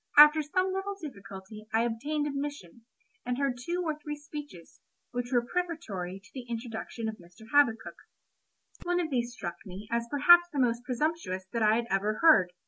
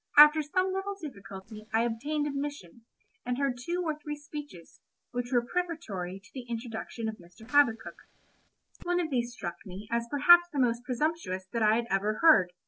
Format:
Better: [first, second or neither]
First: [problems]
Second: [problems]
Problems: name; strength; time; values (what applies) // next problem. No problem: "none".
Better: first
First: none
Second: noise reduction (neural separator model SepFormer DNS4)